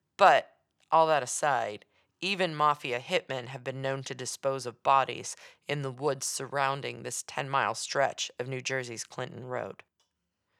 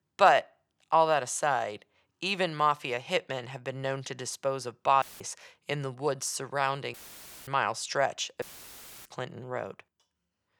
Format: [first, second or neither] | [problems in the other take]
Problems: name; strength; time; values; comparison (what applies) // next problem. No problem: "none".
first | audio cutting out; filled with static; at 5 s, at 7 s for 0.5 s and at 8.5 s for 0.5 s